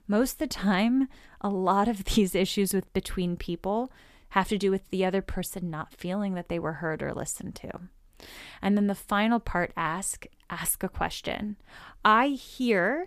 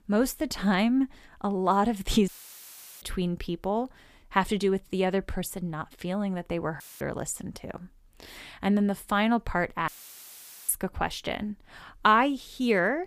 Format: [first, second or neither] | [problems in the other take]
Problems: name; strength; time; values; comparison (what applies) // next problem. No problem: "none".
first | audio cutting out; filled with static; at 2.5 s for 0.5 s, at 7 s and at 10 s for 1 s